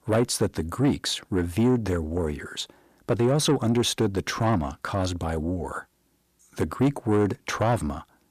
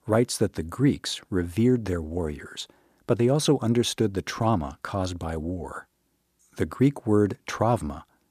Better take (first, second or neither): second